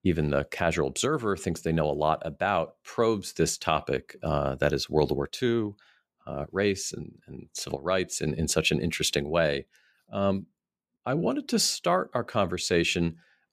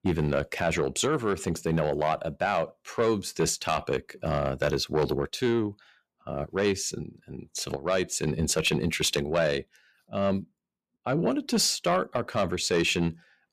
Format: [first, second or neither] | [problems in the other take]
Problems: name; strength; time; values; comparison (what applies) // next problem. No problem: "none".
first | distortion; slight; 10 dB below the speech